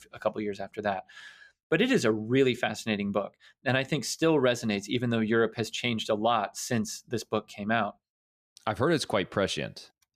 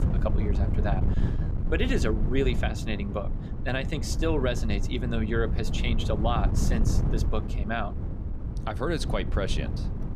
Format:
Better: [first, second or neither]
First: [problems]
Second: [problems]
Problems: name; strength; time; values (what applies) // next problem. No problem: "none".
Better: first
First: none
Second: wind noise on the microphone; heavy; 9 dB below the speech